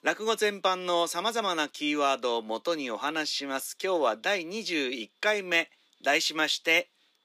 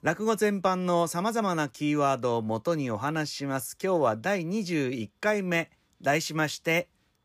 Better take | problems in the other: second | thin; somewhat; fading below 250 Hz

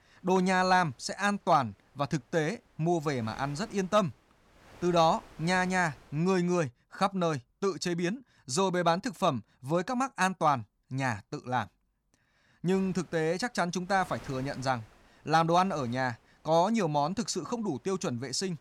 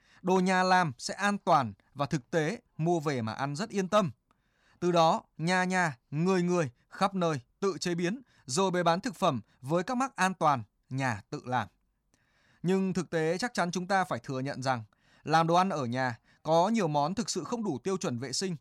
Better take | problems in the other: second | wind noise on the microphone; occasional gusts; until 6.5 s and from 13 s on; 25 dB below the speech

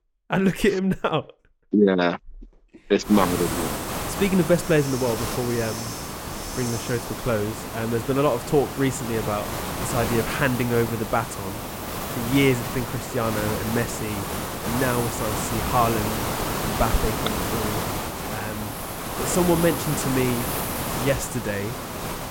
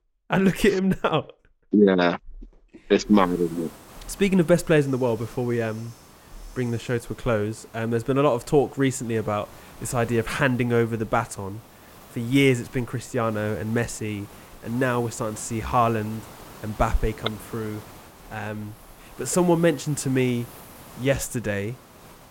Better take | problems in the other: second | hiss; loud; from 3 s on; 4 dB below the speech; faint in the second

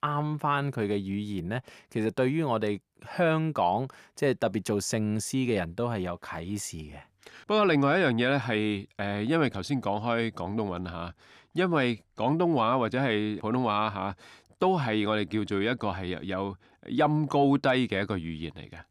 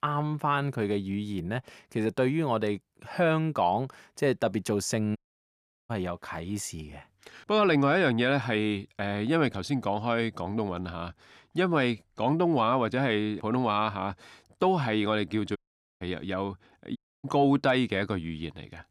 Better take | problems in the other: first | audio cutting out; at 5 s for 0.5 s, at 16 s and at 17 s

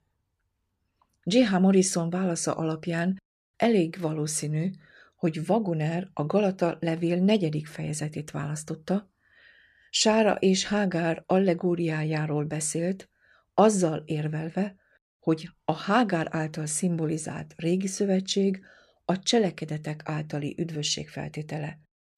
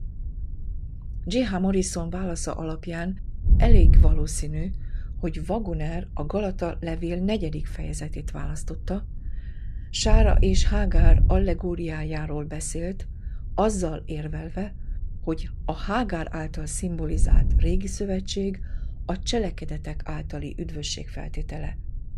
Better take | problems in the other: first | wind noise on the microphone; occasional gusts; 15 dB below the speech

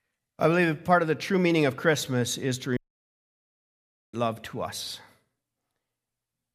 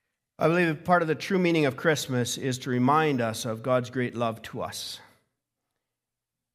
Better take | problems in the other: second | audio cutting out; at 3 s for 1.5 s

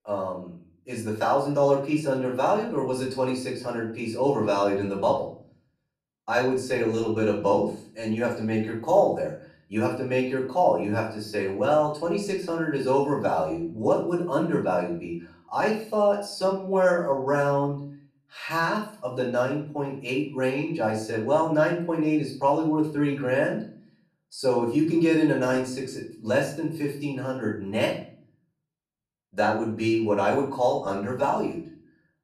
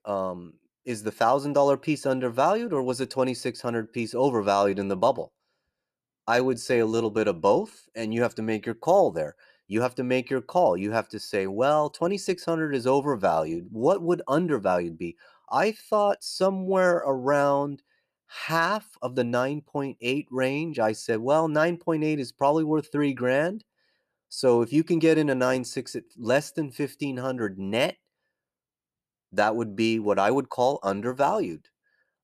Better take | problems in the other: second | room echo; slight; dies away in 0.5 s // off-mic speech; far

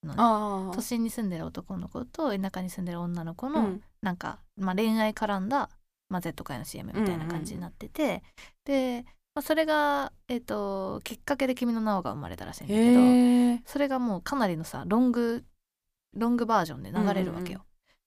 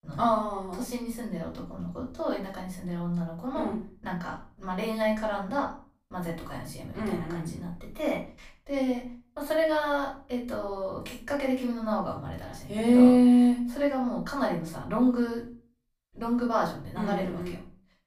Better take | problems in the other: first | off-mic speech; far // room echo; slight; dies away in 0.4 s

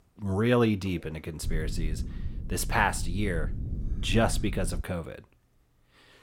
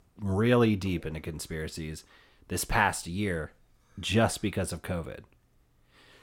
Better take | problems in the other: second | low rumble; noticeable; from 1.5 to 5 s; 20 dB below the speech

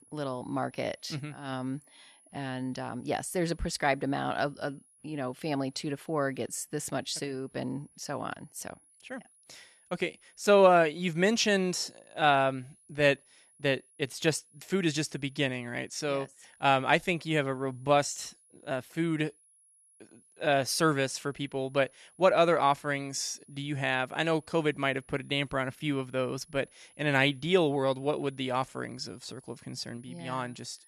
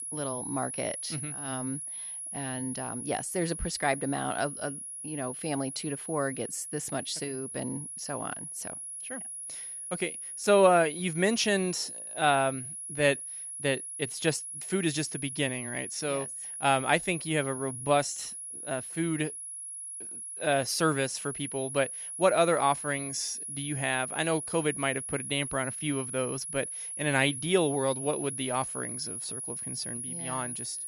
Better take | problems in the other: first | high-pitched whine; loud; throughout; 10.5 kHz, 6 dB below the speech; faint in the first

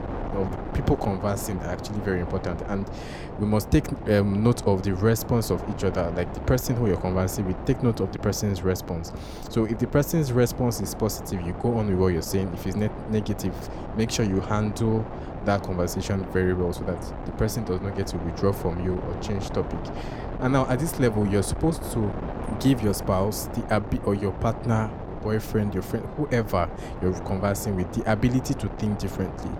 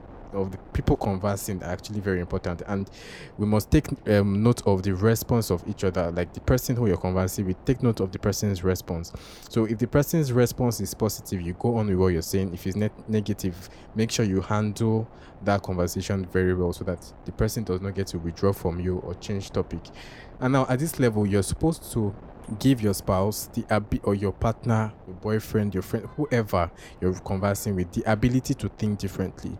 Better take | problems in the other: second | wind noise on the microphone; heavy; 8 dB below the speech; occasional gusts in the second

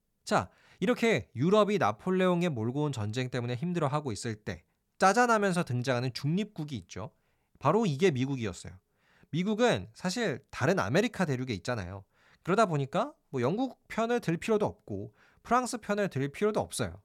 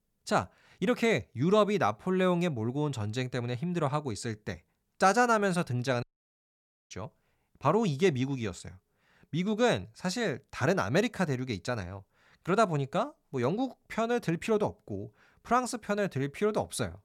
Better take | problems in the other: first | audio cutting out; at 6 s for 1 s

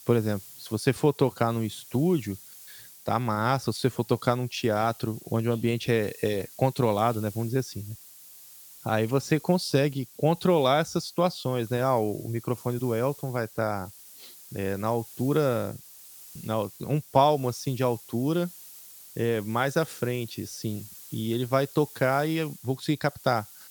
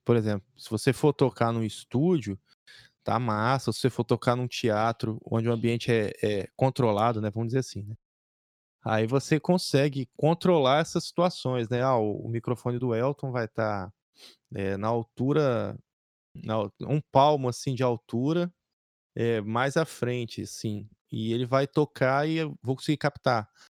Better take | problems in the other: second | hiss; noticeable; throughout; 20 dB below the speech

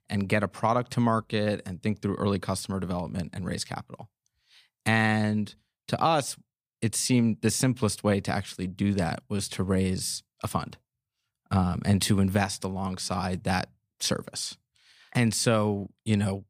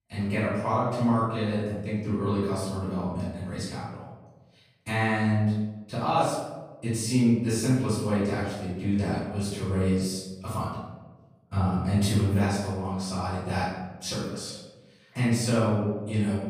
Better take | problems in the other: first | off-mic speech; far // room echo; strong; dies away in 1 s

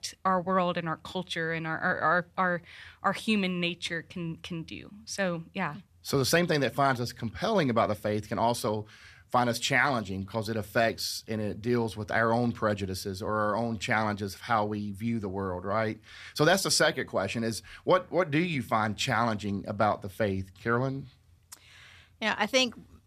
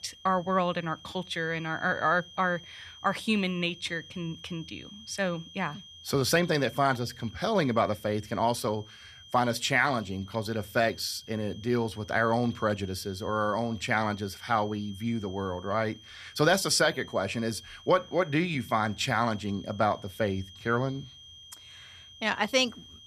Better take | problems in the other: first | high-pitched whine; noticeable; throughout; 3 kHz, 20 dB below the speech

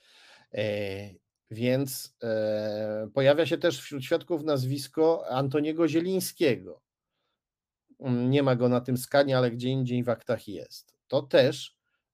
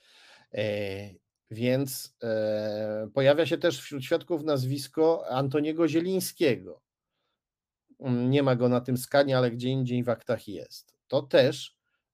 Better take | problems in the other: neither | none

